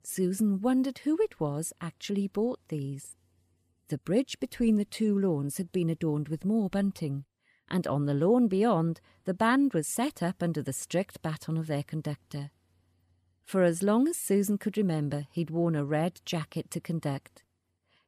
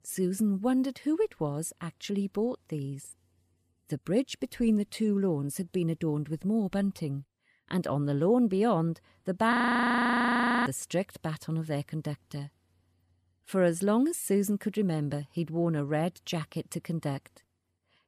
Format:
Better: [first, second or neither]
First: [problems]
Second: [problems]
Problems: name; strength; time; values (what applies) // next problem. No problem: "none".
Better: first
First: none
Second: audio freezing; at 9.5 s for 1 s